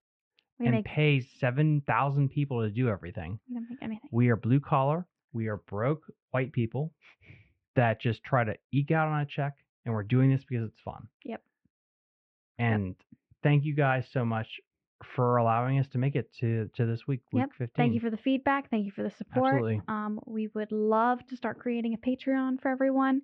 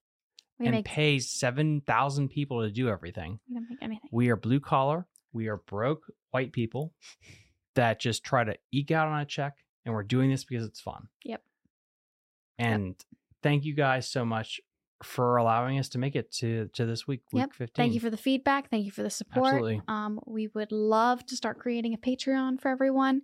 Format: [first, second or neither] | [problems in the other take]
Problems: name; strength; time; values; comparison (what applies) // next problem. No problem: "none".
second | muffled; very; fading above 2.5 kHz